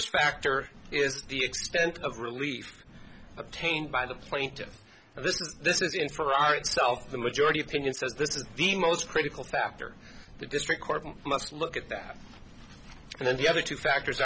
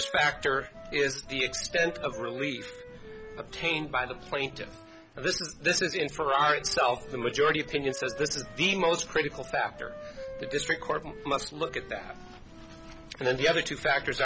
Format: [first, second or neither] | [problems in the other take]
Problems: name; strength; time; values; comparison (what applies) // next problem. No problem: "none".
first | background sound (Wind instrument, woodwind instrument); 16 dB below the speech